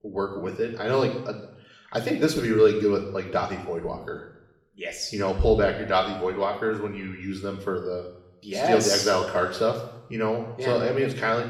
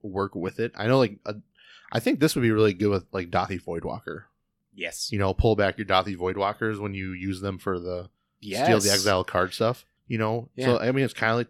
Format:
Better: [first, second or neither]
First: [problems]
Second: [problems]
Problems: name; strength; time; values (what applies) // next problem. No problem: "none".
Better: second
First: room echo; noticeable; dies away in 0.8 s // off-mic speech; somewhat distant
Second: none